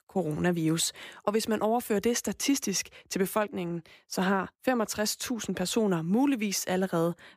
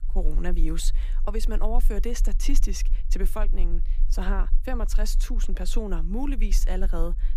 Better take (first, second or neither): first